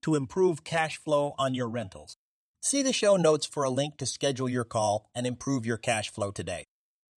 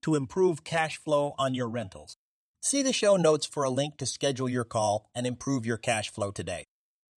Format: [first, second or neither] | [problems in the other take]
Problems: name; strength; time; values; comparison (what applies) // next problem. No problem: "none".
neither | none